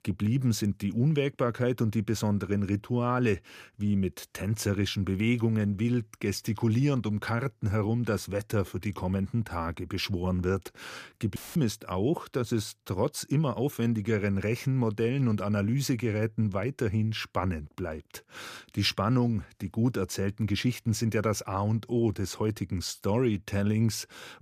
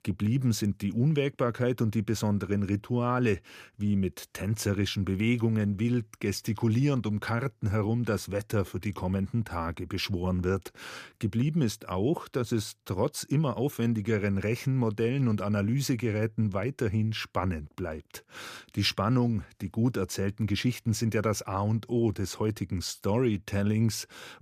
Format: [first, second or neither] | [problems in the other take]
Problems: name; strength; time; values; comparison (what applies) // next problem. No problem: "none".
second | audio cutting out; filled with static; at 11 s